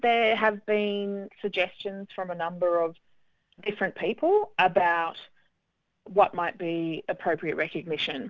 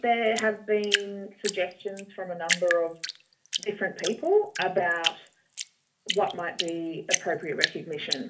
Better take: first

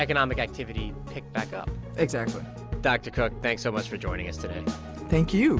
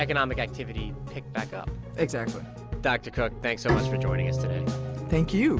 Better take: first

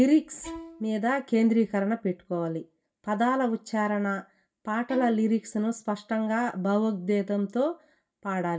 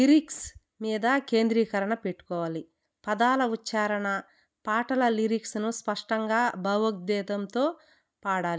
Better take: second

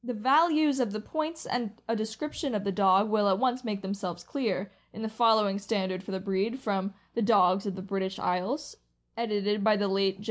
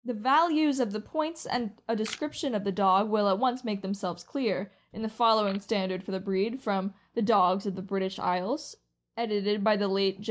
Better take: first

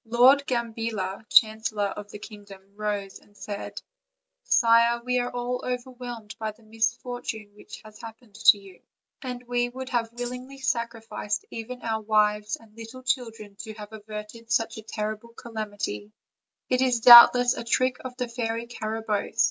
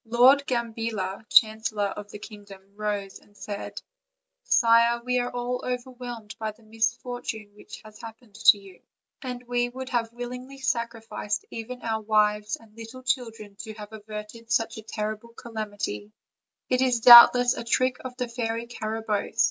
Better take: second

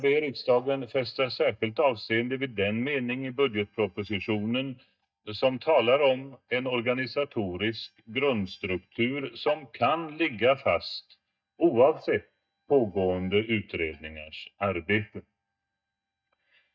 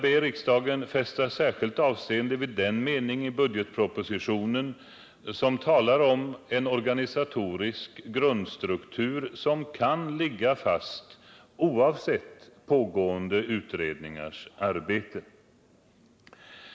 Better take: second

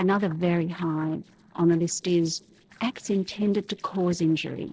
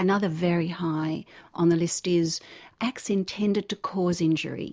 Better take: second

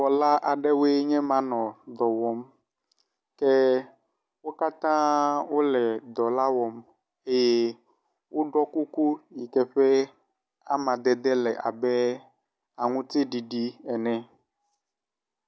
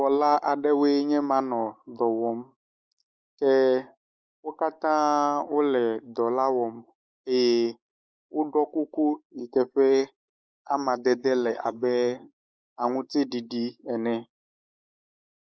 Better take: first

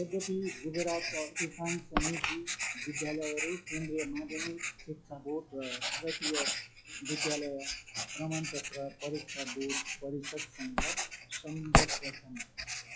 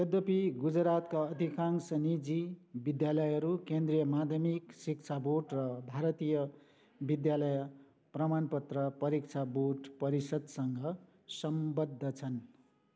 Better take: second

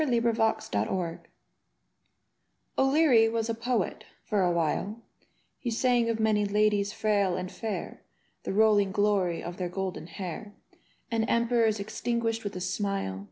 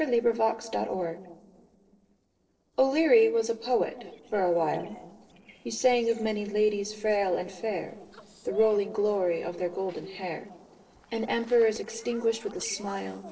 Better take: first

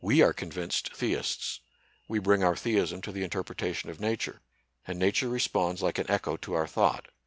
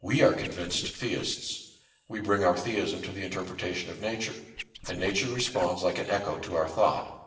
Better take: first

